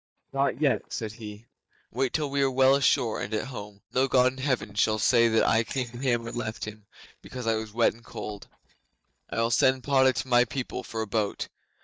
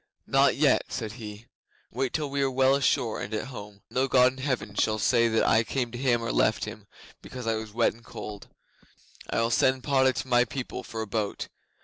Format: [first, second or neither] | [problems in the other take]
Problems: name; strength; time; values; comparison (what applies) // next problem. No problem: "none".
second | noise reduction (neural mask model DeepFilterNet 3)